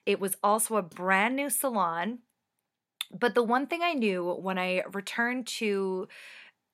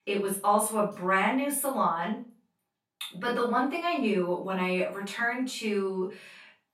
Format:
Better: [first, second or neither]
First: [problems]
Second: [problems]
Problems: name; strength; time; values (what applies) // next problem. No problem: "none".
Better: first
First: none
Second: room echo; slight; dies away in 0.3 s // off-mic speech; far